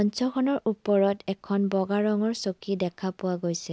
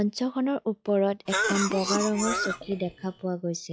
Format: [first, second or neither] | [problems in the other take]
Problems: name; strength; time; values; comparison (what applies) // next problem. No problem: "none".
first | noise reduction (classical method log-MMSE)